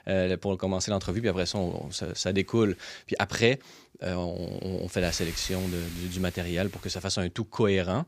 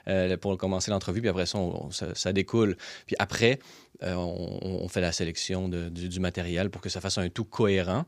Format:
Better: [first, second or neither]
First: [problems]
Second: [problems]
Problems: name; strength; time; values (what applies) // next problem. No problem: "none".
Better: second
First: wind noise on the microphone; occasional gusts; from 1 to 3 s and from 4.5 to 7 s; 15 dB below the speech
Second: none